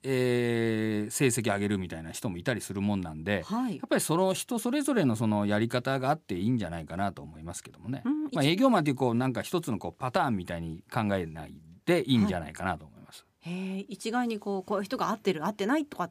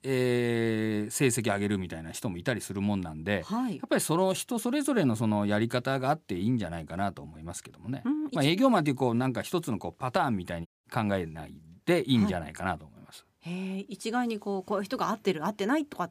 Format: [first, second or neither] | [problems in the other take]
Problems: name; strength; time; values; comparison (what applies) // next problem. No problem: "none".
first | audio cutting out; at 11 s